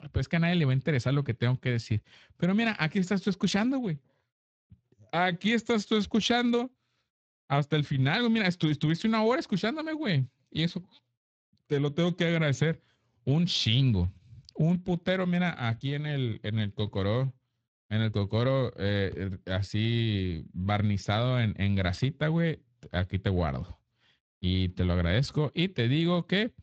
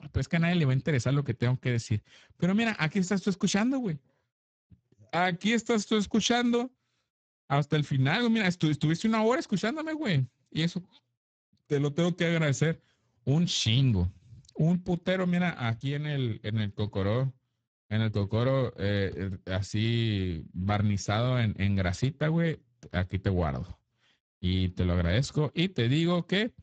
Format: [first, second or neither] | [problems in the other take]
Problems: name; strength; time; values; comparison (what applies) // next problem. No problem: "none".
first | garbled, watery; badly; nothing above 7.5 kHz; slightly in the first